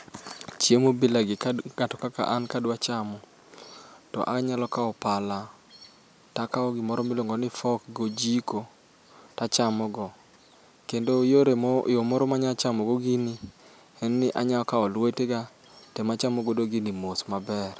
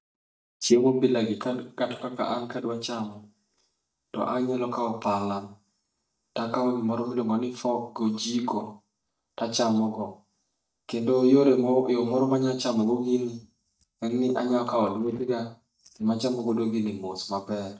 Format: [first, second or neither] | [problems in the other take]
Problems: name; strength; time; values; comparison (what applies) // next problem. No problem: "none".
first | noise reduction (neural mask model DeepFilterNet 3)